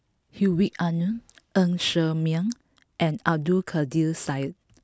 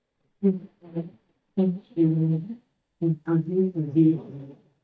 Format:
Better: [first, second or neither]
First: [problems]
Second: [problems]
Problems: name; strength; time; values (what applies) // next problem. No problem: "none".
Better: first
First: none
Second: noise reduction (neural mask model DeepFilterNet 3)